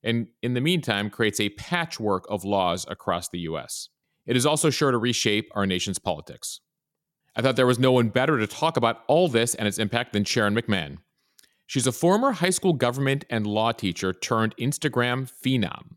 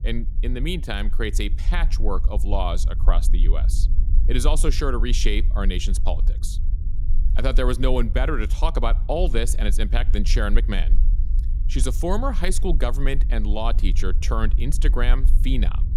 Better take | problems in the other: first | low rumble; noticeable; throughout; 15 dB below the speech

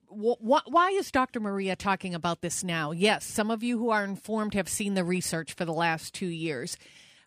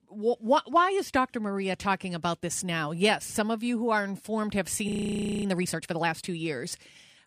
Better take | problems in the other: first | audio freezing; at 5 s for 0.5 s

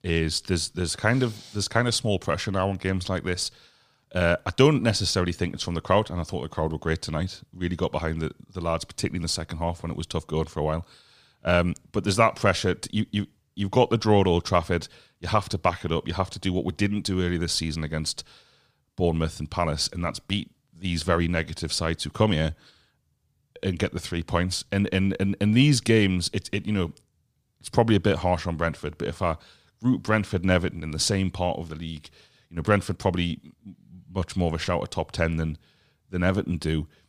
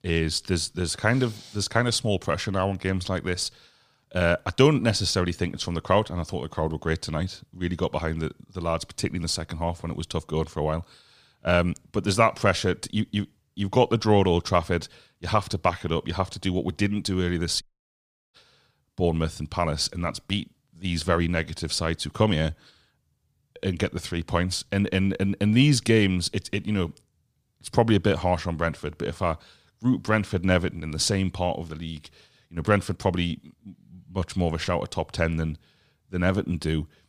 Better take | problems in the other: first | audio cutting out; at 18 s for 0.5 s

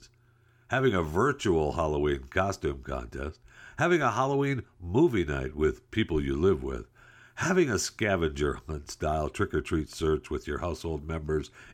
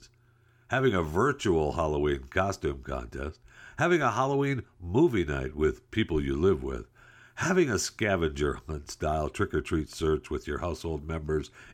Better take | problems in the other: neither | none

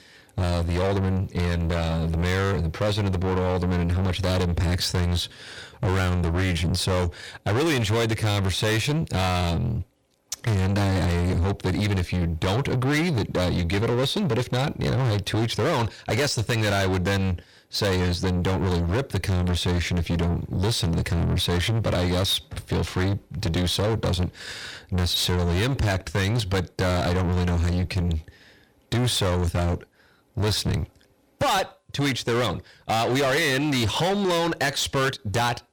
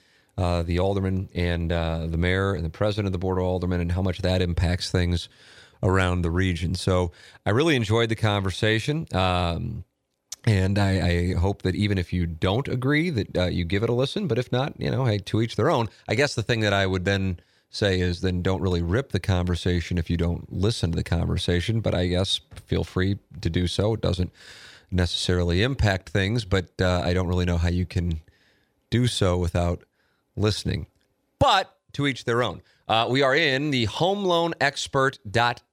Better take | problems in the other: second | distortion; heavy; 6 dB below the speech

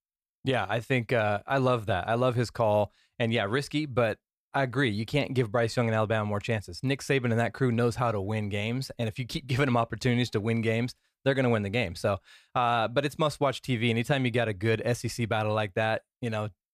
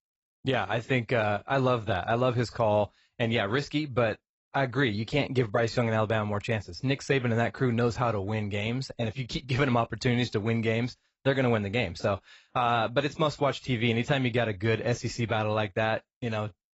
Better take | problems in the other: first | garbled, watery; badly; nothing above 8 kHz

